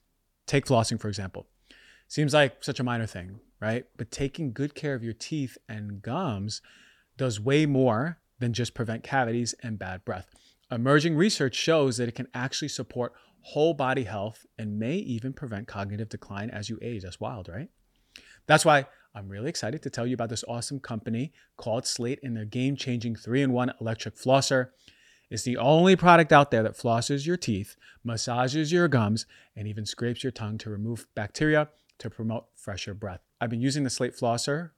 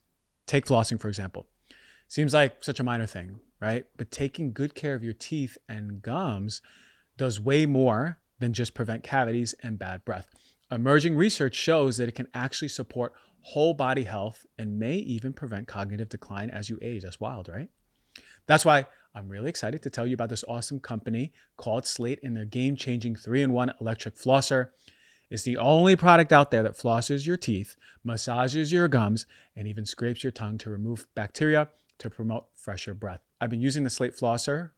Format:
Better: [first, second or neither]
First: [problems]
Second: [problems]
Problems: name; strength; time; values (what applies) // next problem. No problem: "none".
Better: first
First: none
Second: garbled, watery; slightly; nothing above 18.5 kHz